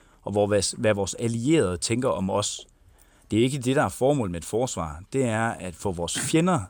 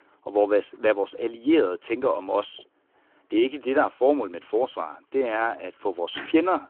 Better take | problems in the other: first | phone-call audio

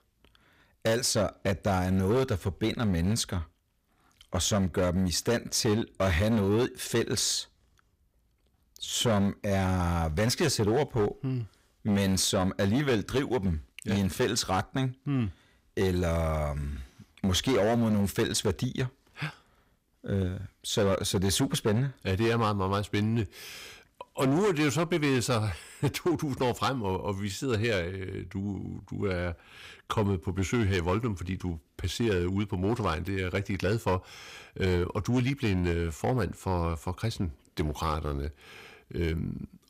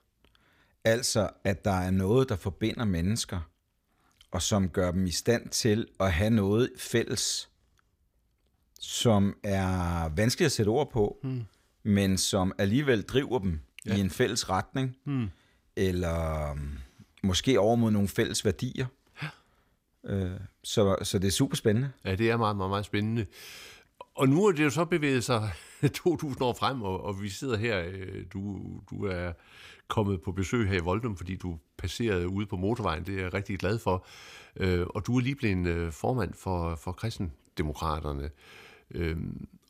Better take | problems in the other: second | distortion; slight; 9% of the sound clipped

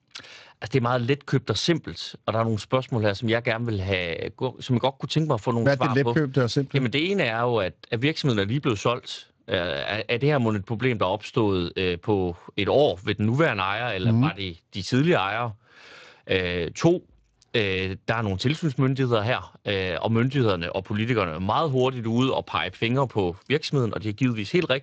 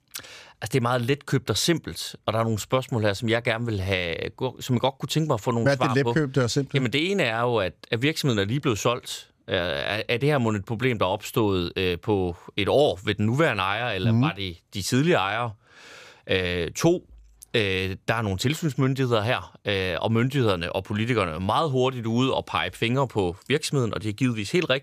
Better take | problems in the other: second | garbled, watery; slightly; nothing above 7.5 kHz

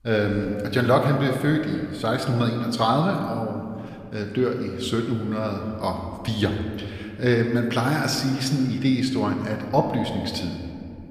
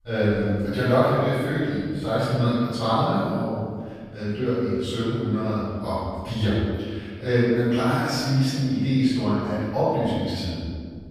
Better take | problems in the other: first | room echo; strong; dies away in 1.7 s; slight in the first // off-mic speech; far

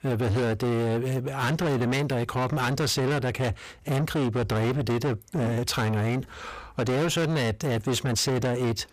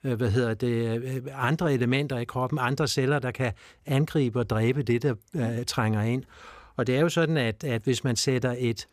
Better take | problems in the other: second | distortion; heavy; 7 dB below the speech

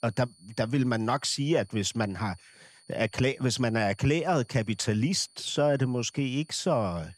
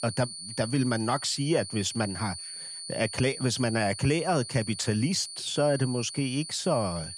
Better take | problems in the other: first | high-pitched whine; loud; throughout; 4.5 kHz, 9 dB below the speech; faint in the first

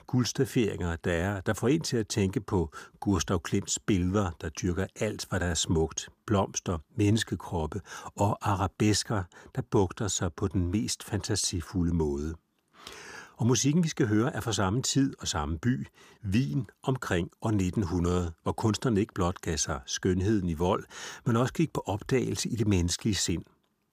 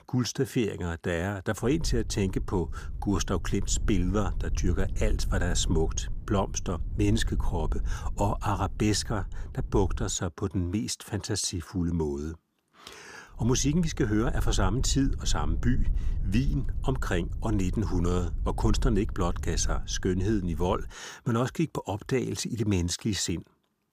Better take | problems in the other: first | wind noise on the microphone; occasional gusts; from 1.5 to 10 s and from 13 to 21 s; 20 dB below the speech

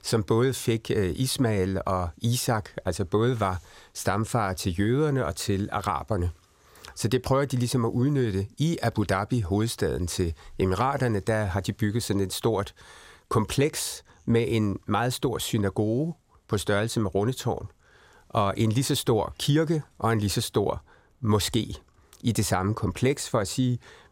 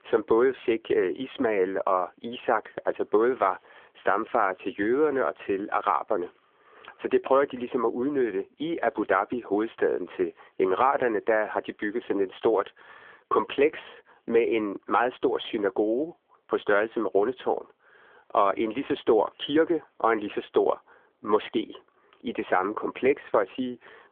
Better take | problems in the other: first | phone-call audio; nothing above 3.5 kHz

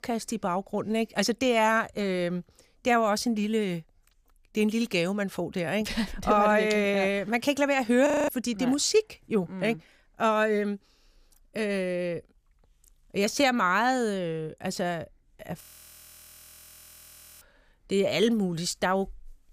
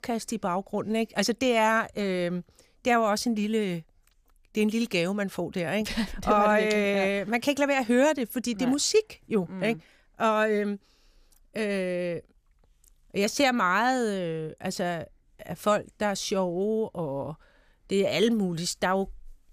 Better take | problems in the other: second | audio freezing; at 8 s and at 16 s for 2 s

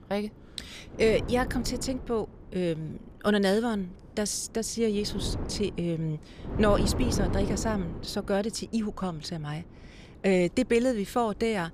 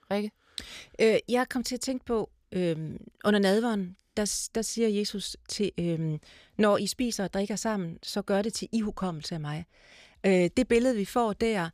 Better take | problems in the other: second | wind noise on the microphone; heavy; 10 dB below the speech

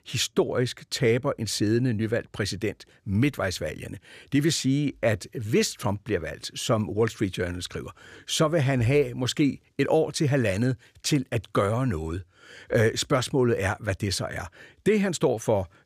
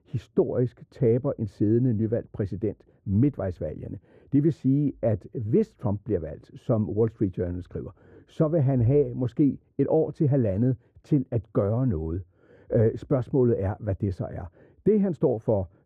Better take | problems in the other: first | muffled; very; fading above 1.5 kHz

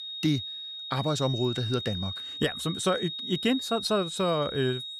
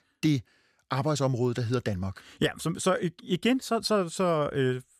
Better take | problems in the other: second | high-pitched whine; loud; throughout; 3.5 kHz, 5 dB below the speech

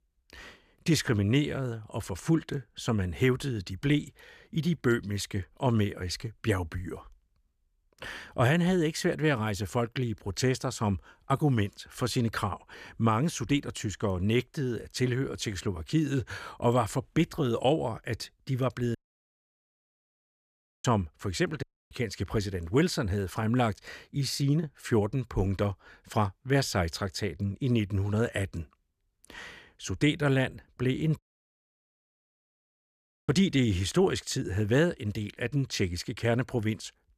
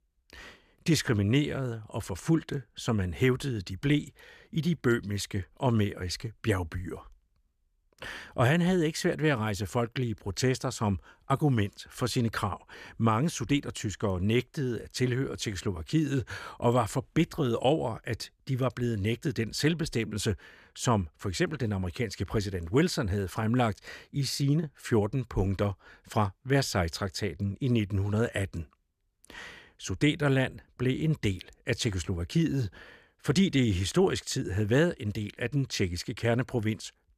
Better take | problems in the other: second | audio cutting out; at 19 s for 2 s, at 22 s and at 31 s for 2 s

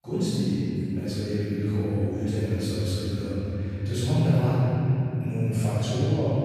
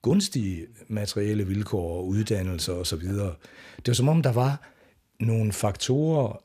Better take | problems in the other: second | off-mic speech; far // room echo; strong; dies away in 3 s

